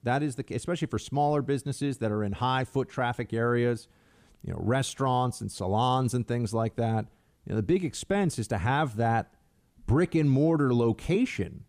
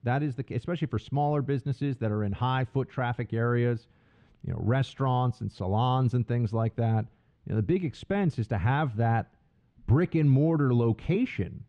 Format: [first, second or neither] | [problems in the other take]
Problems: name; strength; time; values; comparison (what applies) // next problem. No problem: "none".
first | muffled; slightly; fading above 3 kHz